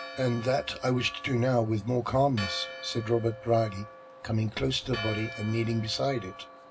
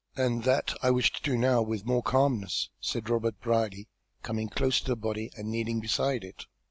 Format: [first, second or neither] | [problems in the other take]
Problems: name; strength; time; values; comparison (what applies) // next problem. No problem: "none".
second | background sound (Church bell); 13 dB below the speech // room echo; dies away in 0.4 s